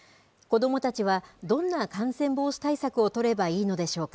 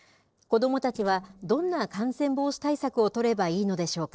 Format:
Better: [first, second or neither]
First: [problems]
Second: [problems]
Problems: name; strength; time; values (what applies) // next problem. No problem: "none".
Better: first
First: none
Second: noise reduction (neural separator model SepFormer DNS4)